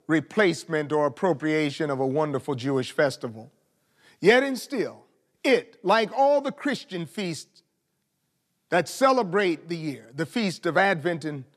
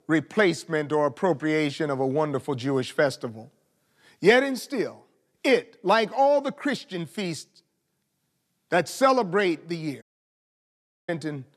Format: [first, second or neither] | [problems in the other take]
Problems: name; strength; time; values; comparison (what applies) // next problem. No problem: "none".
first | audio cutting out; at 10 s for 1 s